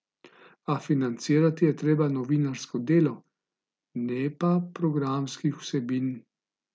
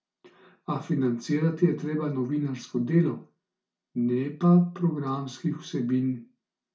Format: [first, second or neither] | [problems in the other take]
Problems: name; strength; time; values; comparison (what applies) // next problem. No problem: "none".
first | room echo; dies away in 0.3 s